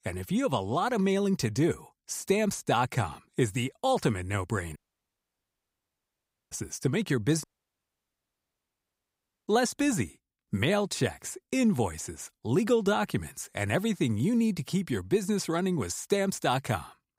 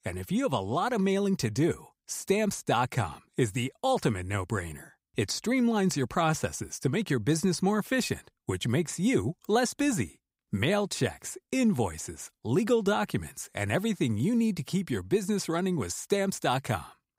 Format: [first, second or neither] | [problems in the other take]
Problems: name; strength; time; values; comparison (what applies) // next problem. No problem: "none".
second | audio cutting out; at 5 s for 2 s and at 7.5 s for 2 s